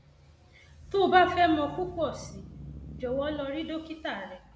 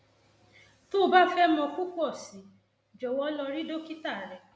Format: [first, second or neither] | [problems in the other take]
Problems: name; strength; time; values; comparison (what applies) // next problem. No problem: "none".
second | background sound (Engine starting / Accelerating, revving, vroom / Motor vehicle (road)); 16 dB below the speech